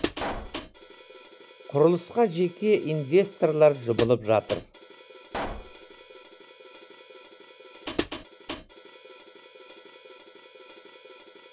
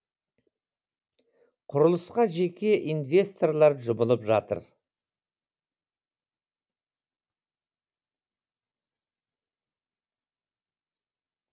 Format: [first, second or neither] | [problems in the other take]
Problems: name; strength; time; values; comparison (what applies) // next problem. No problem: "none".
second | background sound (Hi-hat + Explosion); 11 dB below the speech